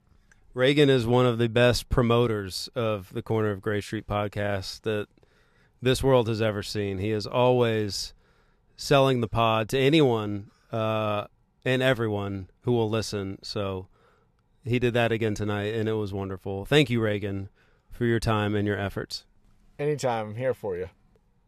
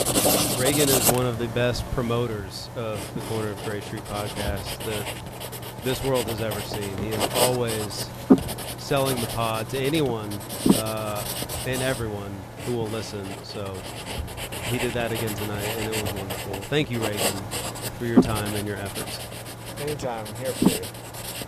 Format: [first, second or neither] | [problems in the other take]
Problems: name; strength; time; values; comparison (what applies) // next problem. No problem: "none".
first | household noises; very loud; throughout; 1 dB above the speech